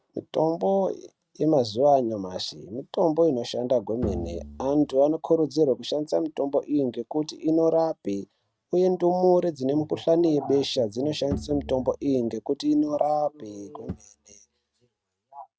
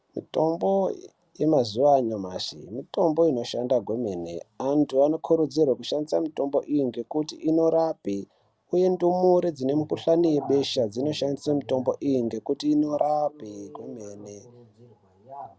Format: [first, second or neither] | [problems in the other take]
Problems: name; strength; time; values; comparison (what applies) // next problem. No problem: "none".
second | noise reduction (neural mask model RNNoise)